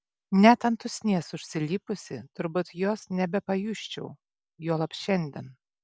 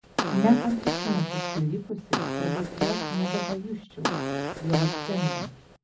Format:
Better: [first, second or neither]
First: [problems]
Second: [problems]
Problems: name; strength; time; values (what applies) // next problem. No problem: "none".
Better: first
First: none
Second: background sound (Fart); 2 dB below the speech // room echo; dies away in 0.4 s